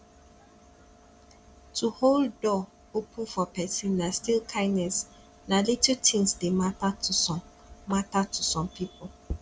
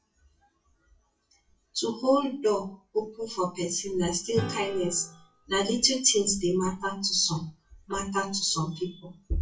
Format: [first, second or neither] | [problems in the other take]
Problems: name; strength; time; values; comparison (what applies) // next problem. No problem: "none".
first | noise reduction (classical method WPE with log-MMSE)